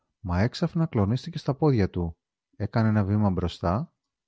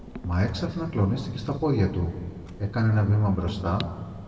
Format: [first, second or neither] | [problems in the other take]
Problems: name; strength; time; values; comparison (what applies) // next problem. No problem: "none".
first | background sound (Clock); 17 dB below the speech // room echo; dies away in 1.9 s